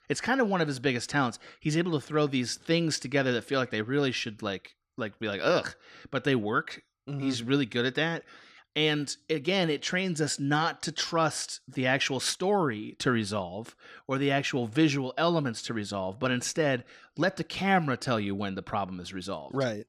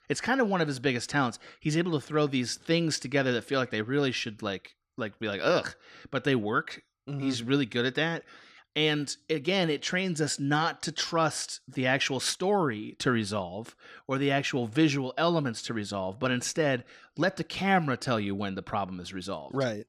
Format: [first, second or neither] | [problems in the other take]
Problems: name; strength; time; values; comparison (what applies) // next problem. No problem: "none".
neither | none